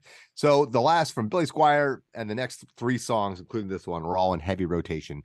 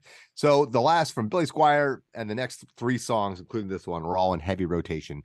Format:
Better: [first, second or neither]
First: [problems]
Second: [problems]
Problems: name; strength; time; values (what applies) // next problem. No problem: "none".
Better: neither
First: none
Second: none